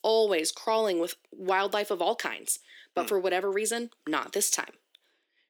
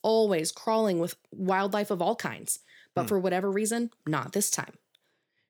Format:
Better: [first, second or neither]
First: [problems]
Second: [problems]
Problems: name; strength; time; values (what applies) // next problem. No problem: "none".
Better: second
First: thin; somewhat; fading below 300 Hz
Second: none